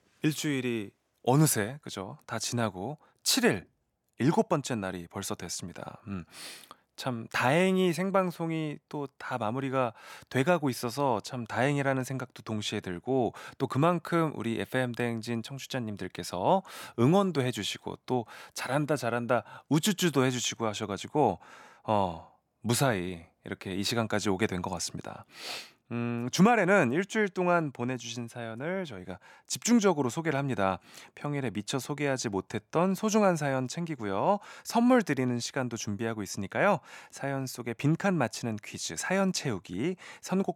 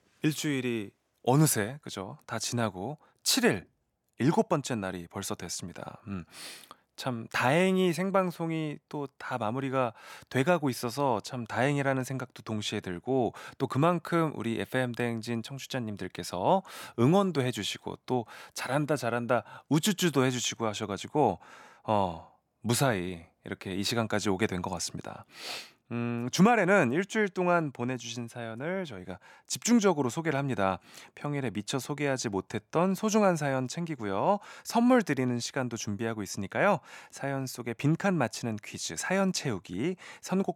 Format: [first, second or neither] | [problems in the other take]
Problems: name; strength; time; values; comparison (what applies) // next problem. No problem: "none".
neither | none